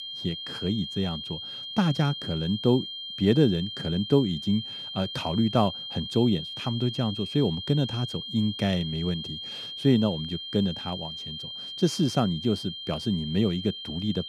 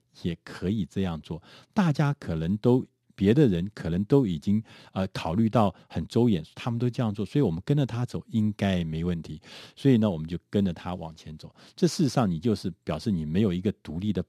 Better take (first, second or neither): second